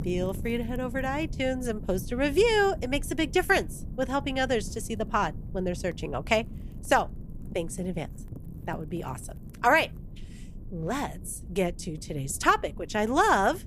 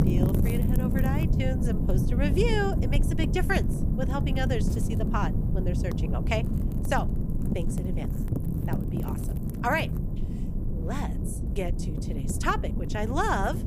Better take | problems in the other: first | wind noise on the microphone; heavy; 6 dB below the speech; occasional gusts in the first

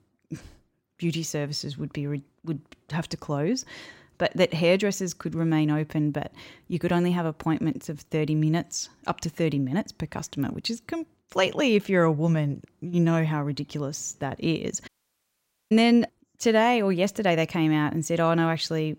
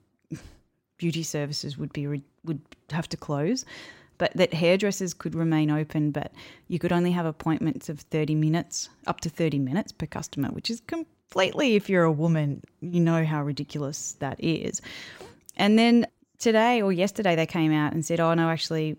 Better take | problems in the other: second | audio cutting out; at 15 s for 1 s

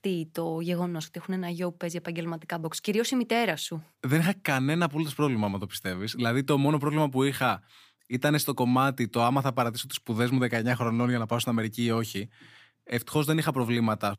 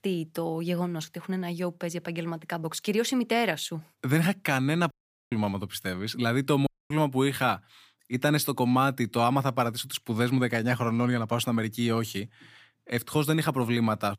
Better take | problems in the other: first | audio cutting out; at 5 s and at 6.5 s

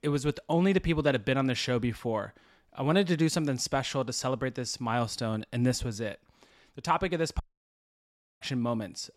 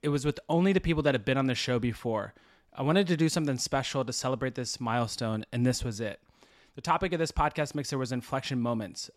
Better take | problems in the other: second | audio cutting out; at 7.5 s for 1 s

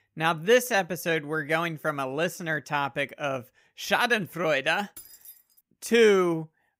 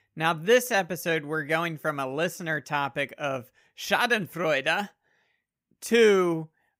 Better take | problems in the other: second | jangling keys; faint; at 5 s; peak 20 dB below the speech

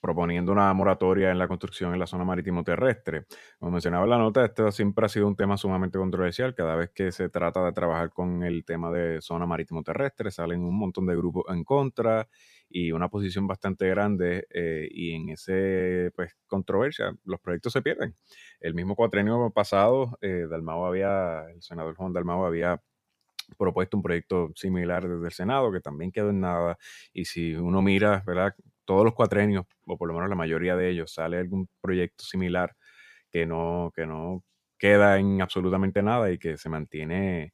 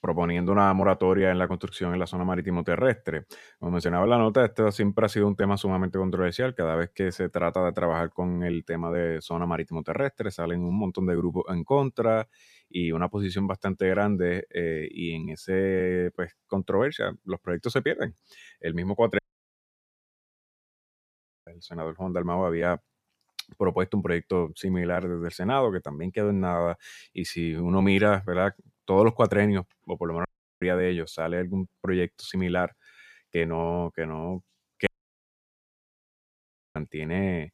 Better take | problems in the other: first | audio cutting out; at 19 s for 2.5 s, at 30 s and at 35 s for 2 s

